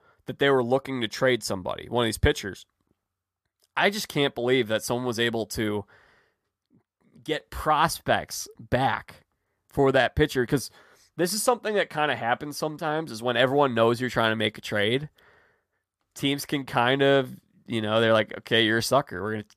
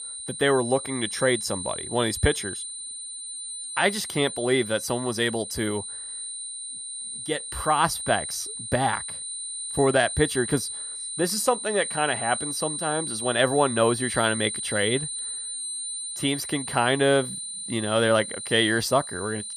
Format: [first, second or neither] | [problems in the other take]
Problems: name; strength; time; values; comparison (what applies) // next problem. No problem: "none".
first | high-pitched whine; loud; throughout; 9 kHz, 6 dB below the speech